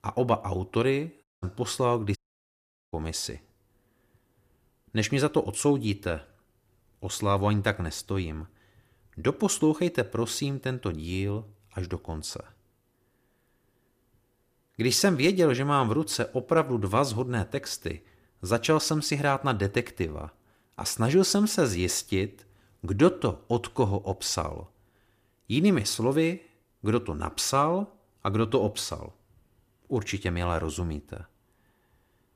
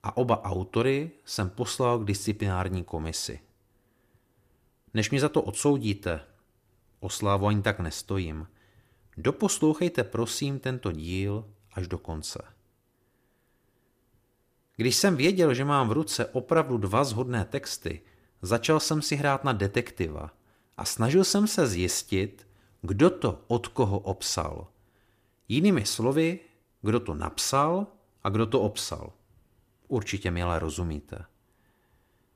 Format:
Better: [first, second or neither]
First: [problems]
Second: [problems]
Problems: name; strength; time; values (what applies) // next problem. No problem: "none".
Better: second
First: audio cutting out; at 1 s and at 2 s for 1 s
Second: none